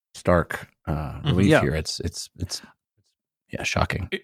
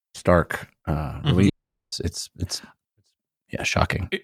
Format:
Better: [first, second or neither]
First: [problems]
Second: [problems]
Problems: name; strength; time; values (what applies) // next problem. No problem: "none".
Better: first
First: none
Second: audio cutting out; at 1.5 s